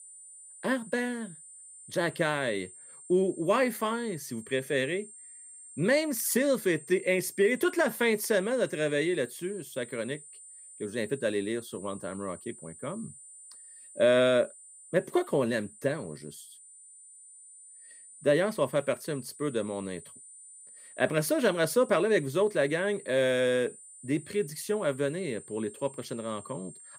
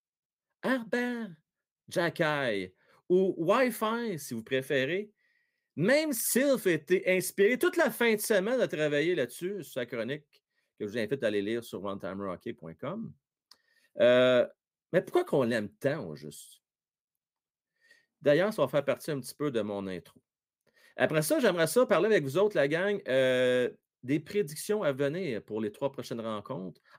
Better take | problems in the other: second | high-pitched whine; noticeable; throughout; 8.5 kHz, 20 dB below the speech

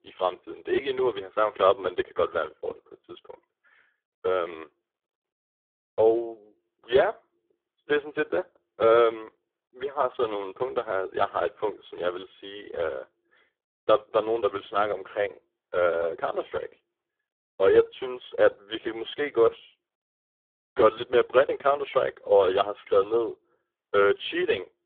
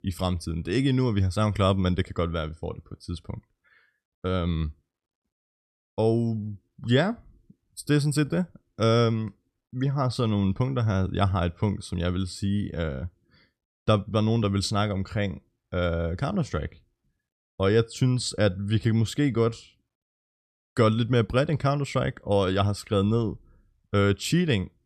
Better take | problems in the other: second | phone-call audio; poor line

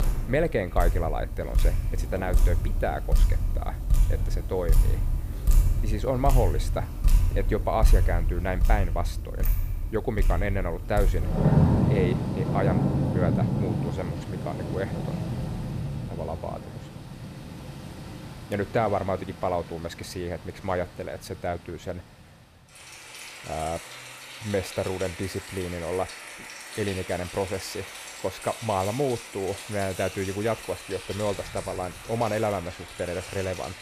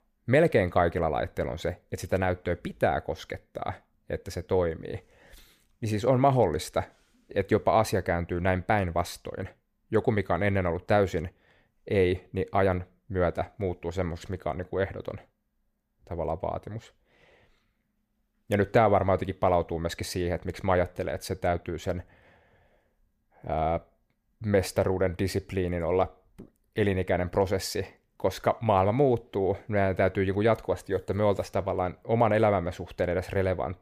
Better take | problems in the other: second | rain or running water; very loud; throughout; 1 dB above the speech

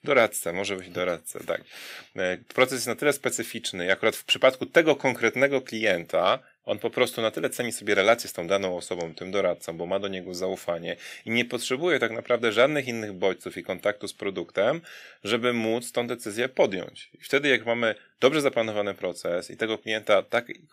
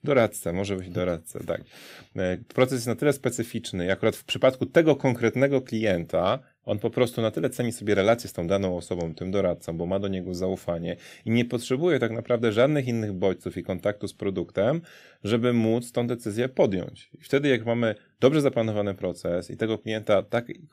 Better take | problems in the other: second | thin; very slightly; fading below 750 Hz

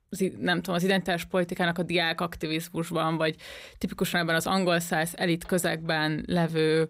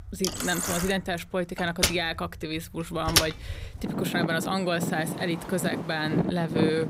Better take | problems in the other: first | traffic noise; loud; throughout; as loud as the speech

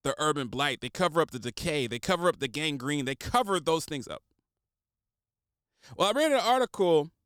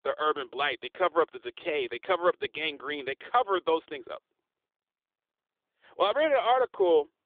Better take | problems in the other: first | phone-call audio; nothing above 3.5 kHz

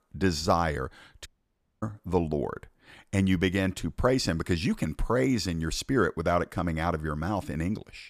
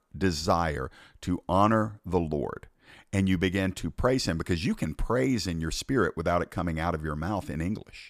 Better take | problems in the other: second | audio cutting out; at 1.5 s for 0.5 s

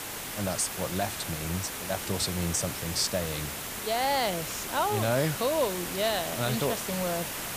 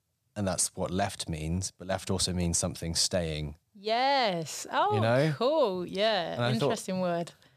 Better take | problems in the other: second | hiss; loud; throughout; 4 dB below the speech

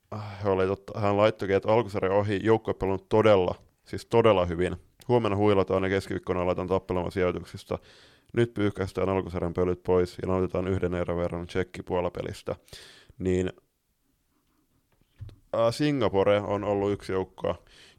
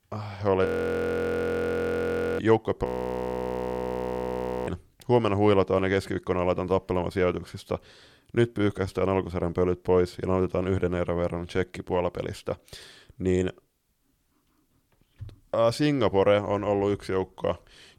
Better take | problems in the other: first | audio freezing; at 0.5 s for 1.5 s and at 3 s for 2 s

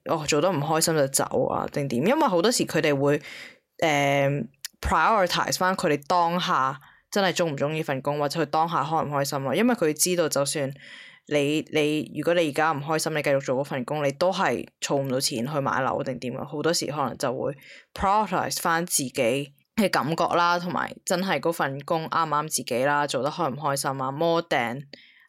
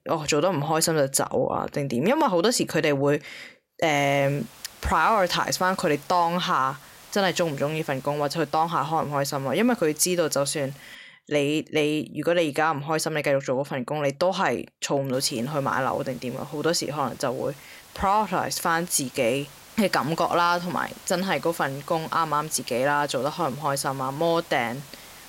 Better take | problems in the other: first | hiss; faint; from 4 to 11 s and from 15 s on; 20 dB below the speech

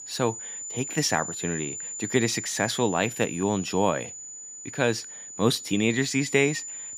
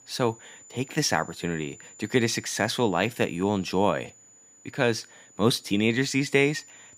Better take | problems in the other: second | high-pitched whine; loud; throughout; 7 kHz, 8 dB below the speech; faint in the second

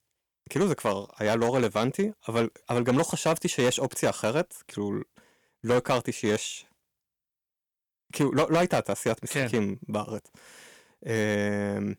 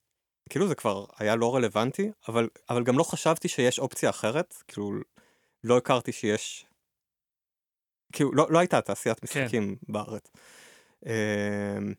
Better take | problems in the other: second | distortion; slight; 5% of the sound clipped

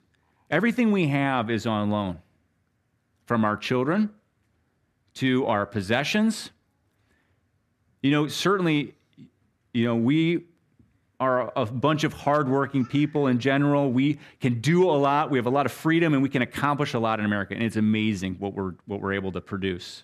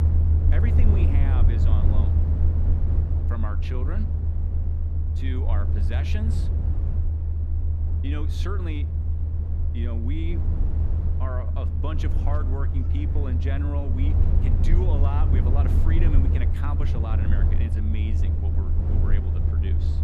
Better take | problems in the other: first | low rumble; loud; throughout; 1 dB below the speech

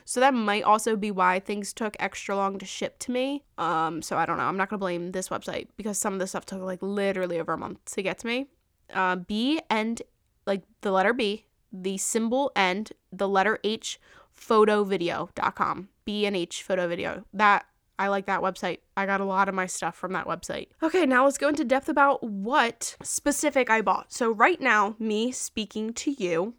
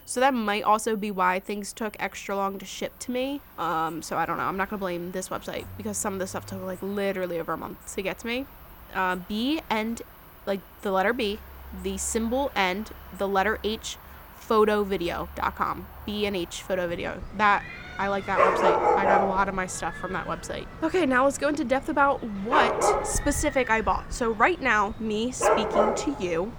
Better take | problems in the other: first | animal sounds; loud; throughout; as loud as the speech

